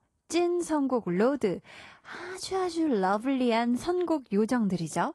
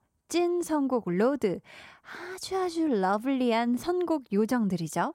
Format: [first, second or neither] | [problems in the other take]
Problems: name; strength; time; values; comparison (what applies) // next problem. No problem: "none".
second | garbled, watery; slightly; nothing above 11.5 kHz